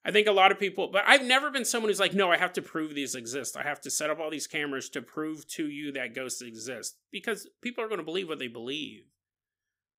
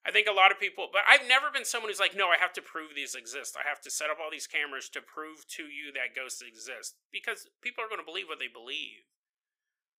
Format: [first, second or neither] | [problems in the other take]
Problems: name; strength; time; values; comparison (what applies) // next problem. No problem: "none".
first | thin; very; fading below 650 Hz